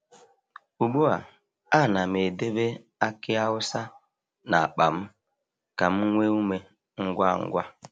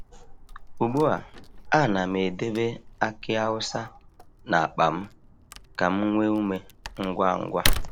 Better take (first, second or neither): first